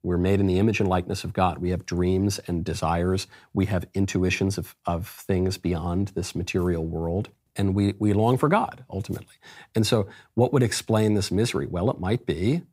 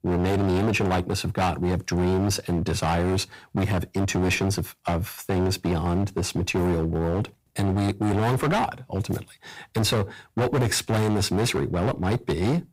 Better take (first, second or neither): first